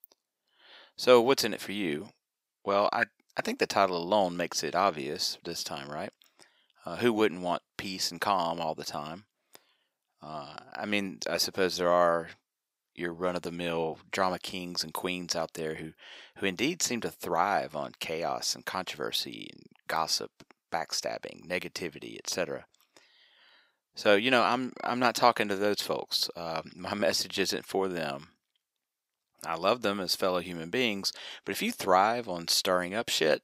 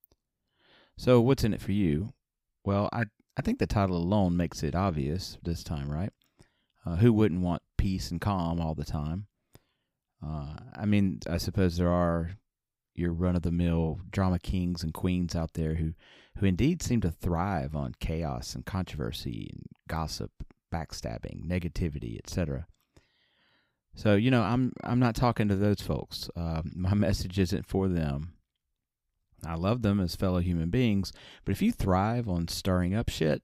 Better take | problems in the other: second | thin; very; fading below 500 Hz

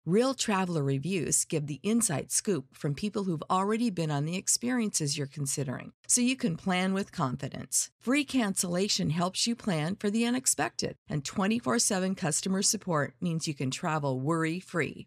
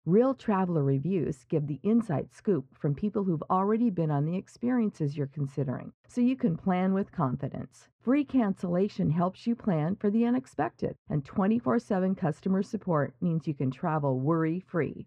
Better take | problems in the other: first | muffled; very; fading above 3.5 kHz

